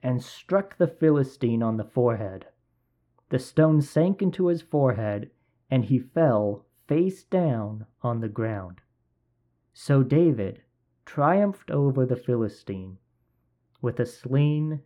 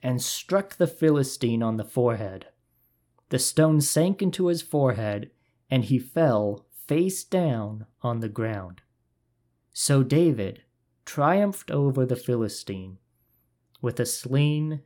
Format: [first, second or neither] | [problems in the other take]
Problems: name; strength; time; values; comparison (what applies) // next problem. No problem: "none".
second | muffled; very; fading above 3.5 kHz